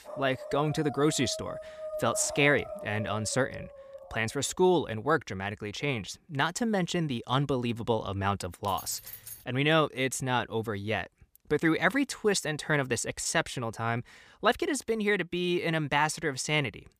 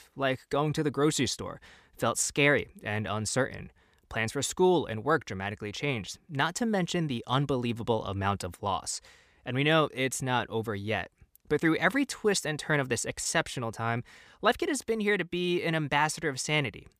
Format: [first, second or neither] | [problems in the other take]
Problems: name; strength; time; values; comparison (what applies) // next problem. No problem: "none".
second | dog barking; noticeable; until 4.5 s; peak 8 dB below the speech // jangling keys; faint; at 8.5 s; peak 10 dB below the speech